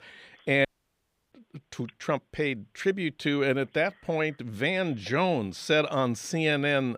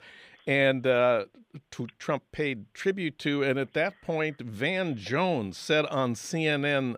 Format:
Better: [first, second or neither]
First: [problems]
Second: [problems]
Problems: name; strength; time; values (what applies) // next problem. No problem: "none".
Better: second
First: audio cutting out; at 0.5 s for 0.5 s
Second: none